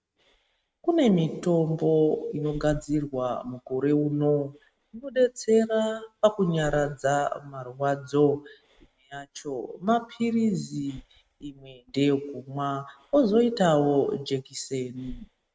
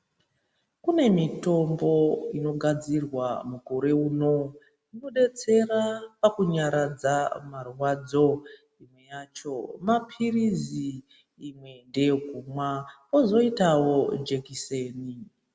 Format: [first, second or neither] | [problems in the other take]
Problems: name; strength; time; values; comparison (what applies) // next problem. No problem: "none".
second | noise reduction (neural mask model RNNoise)